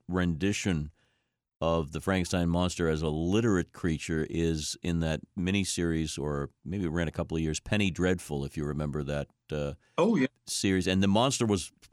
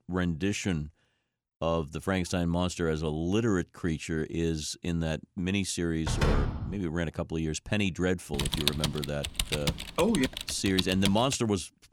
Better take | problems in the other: first | door banging; loud; at 6 s; peak 2 dB above the speech // keyboard typing; loud; from 8.5 to 11 s; peak 2 dB above the speech

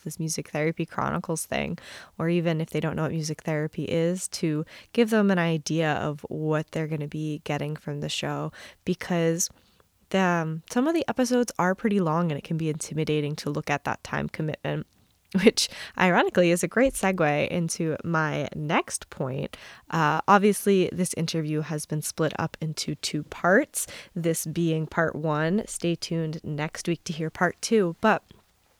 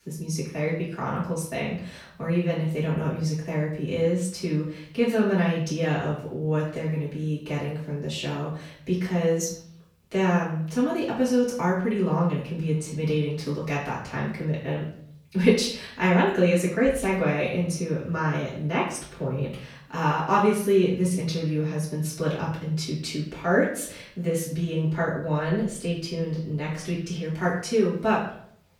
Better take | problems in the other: first | off-mic speech; far // room echo; noticeable; dies away in 0.5 s

